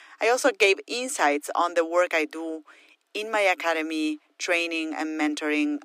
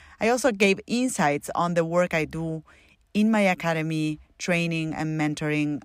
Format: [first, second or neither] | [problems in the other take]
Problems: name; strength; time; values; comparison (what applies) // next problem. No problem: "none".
second | thin; somewhat; fading below 300 Hz